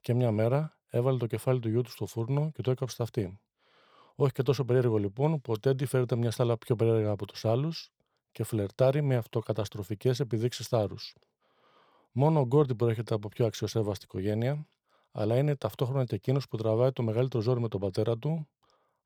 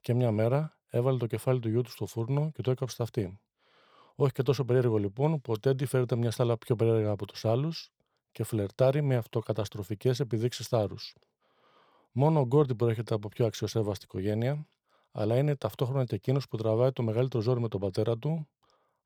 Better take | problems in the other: neither | none

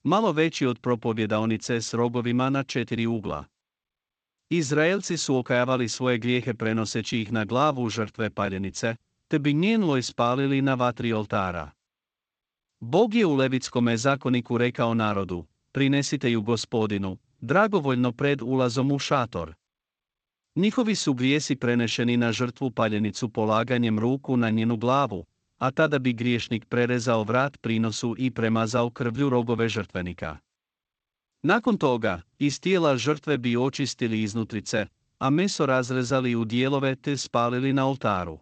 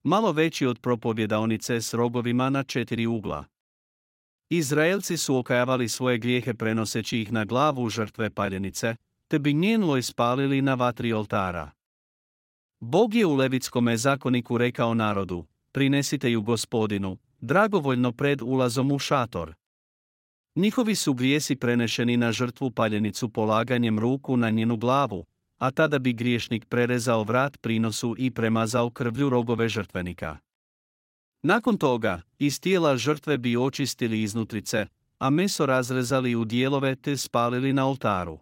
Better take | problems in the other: second | garbled, watery; slightly; nothing above 8 kHz

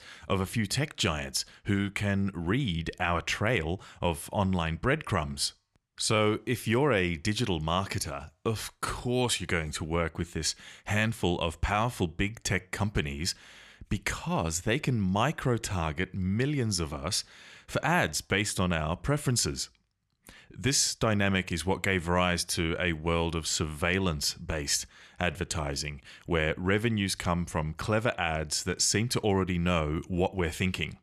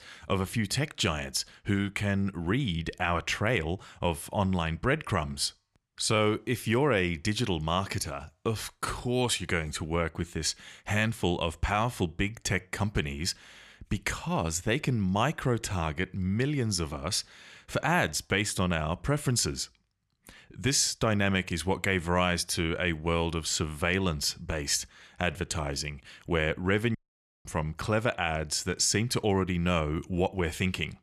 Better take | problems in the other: first | audio cutting out; at 27 s for 0.5 s

